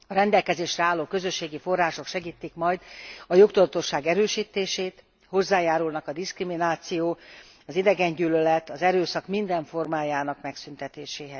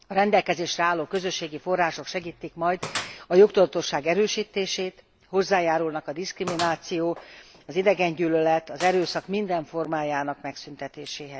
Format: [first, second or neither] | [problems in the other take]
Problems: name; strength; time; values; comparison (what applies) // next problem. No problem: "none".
first | background sound (Gunshot, gunfire); 18 dB below the speech